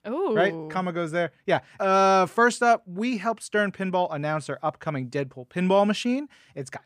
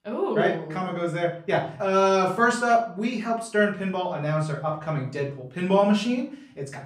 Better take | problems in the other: first | room echo; slight; dies away in 0.5 s // off-mic speech; far

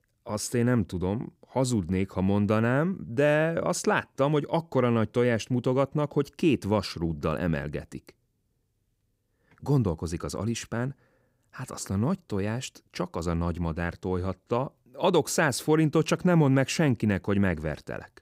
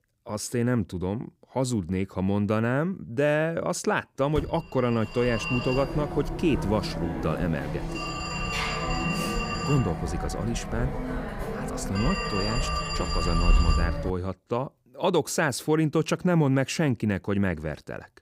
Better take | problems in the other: first | phone ringing; loud; from 4.5 to 14 s; peak 4 dB above the speech

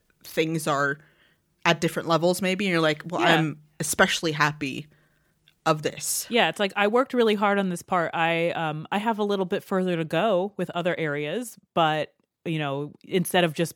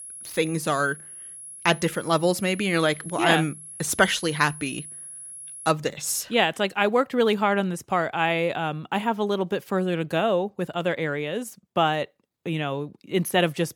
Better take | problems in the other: first | high-pitched whine; noticeable; until 5.5 s; 10.5 kHz, 15 dB below the speech

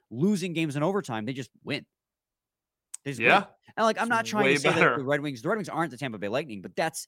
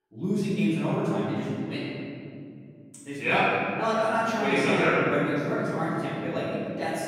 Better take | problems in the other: first | room echo; strong; dies away in 2.8 s // off-mic speech; far

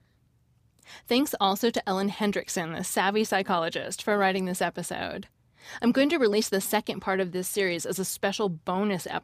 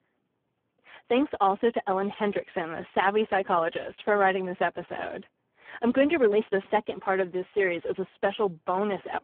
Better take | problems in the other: first | phone-call audio; poor line

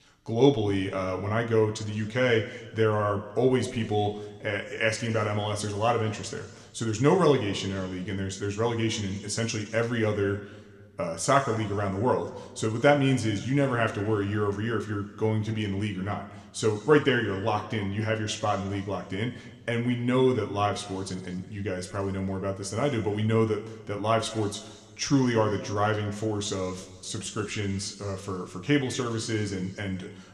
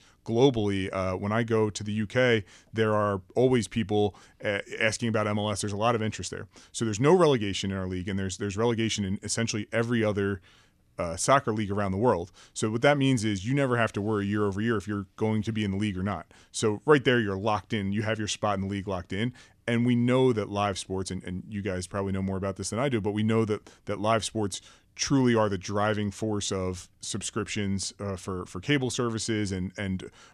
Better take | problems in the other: second | room echo; slight; dies away in 1.3 s

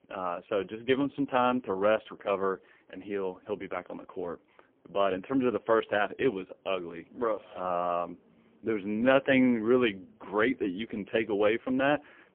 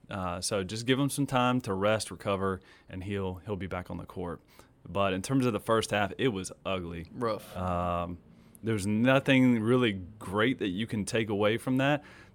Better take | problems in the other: second | phone-call audio; poor line; nothing above 3.5 kHz

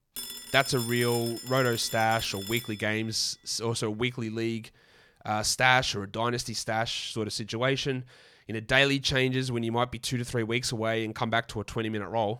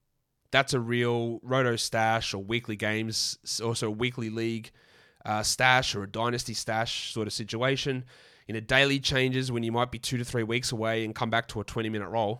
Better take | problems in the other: second | phone ringing; noticeable; until 3 s; peak 6 dB below the speech

